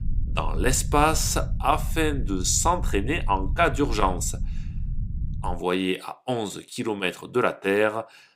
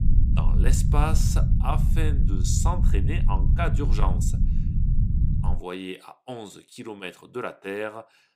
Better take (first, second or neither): first